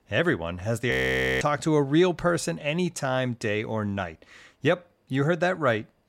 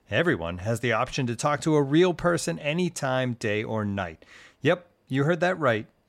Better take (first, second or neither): second